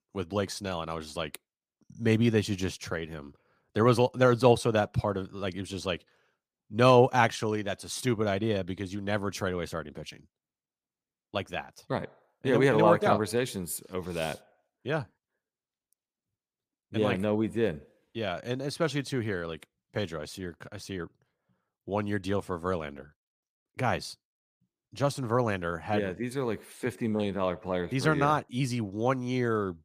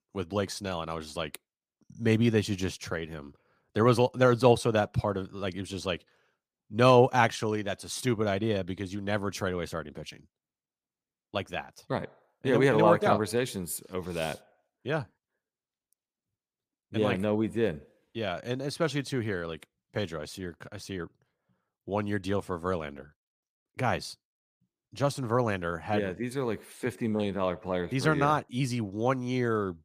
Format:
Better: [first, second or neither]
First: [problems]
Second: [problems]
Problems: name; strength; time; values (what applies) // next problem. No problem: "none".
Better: neither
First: none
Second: none